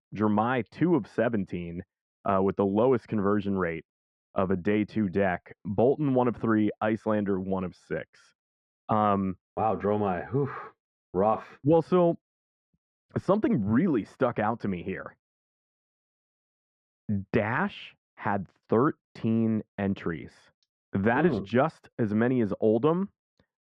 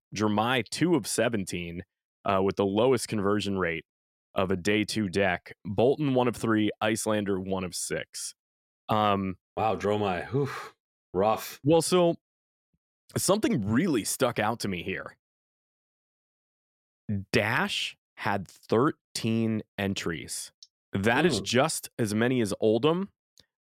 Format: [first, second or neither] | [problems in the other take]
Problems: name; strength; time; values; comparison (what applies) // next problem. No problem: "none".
second | muffled; very; fading above 1.5 kHz